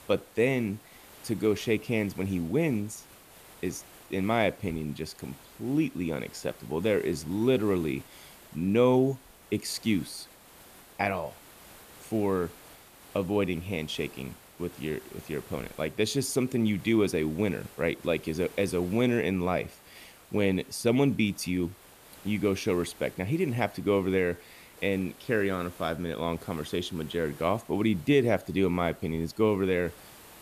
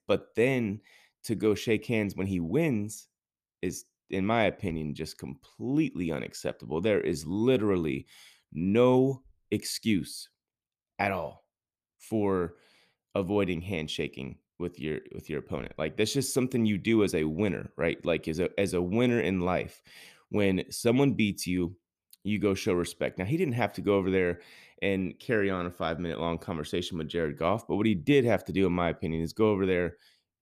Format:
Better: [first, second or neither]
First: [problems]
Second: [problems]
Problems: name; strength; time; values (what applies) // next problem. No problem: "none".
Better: second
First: hiss; faint; throughout; 20 dB below the speech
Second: none